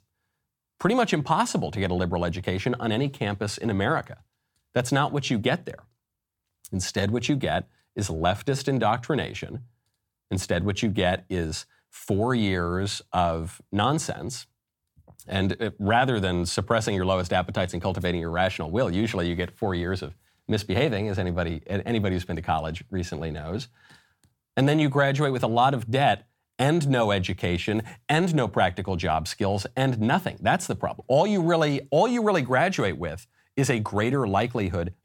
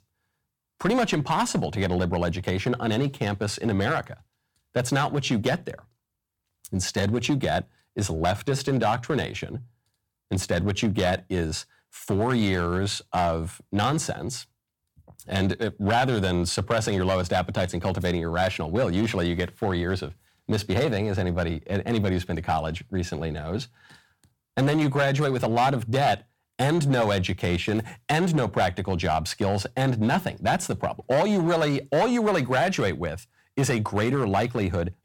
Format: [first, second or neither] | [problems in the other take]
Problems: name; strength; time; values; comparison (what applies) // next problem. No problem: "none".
first | distortion; slight; 5% of the sound clipped